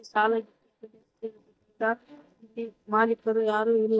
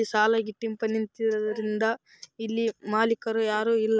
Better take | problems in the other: second | noise reduction (neural mask model DeepFilterNet 3)

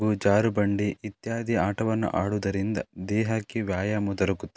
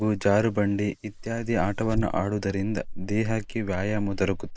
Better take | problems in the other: first | noise reduction (neural mask model Resemble Enhance denoiser)

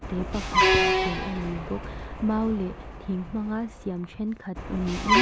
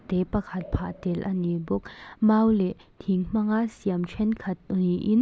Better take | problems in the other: second | background sound (Truck); 3 dB above the speech

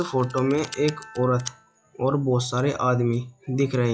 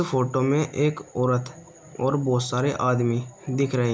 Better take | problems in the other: second | noise reduction (classical method log-MMSE)

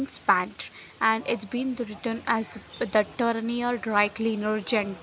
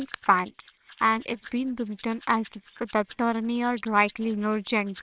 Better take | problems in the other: first | noise reduction (neural separator model SepFormer WHAMR!)

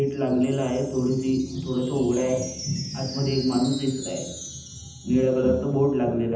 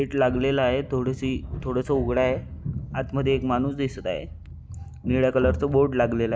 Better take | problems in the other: second | background sound (Wind chime); 16 dB below the speech // room echo; dies away in 0.8 s

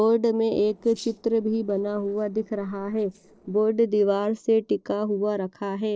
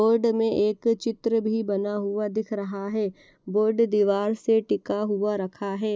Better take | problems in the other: second | noise reduction (neural separator model SepFormer DNS4)

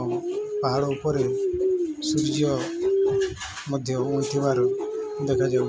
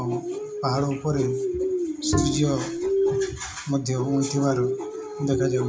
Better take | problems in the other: first | background sound (Bowed string instrument); 7 dB below the speech // room echo; dies away in 0.4 s

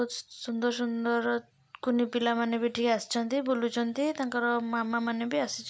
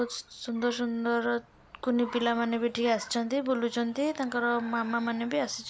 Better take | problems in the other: first | background sound (Car); 20 dB below the speech

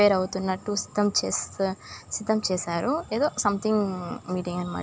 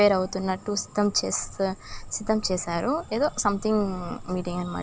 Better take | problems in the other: first | background sound (Fire); 16 dB below the speech

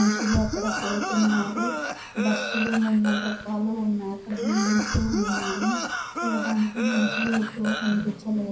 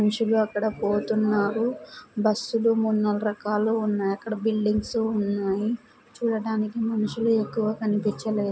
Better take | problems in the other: second | background sound (Cough); 5 dB below the speech // room echo; dies away in 0.5 s

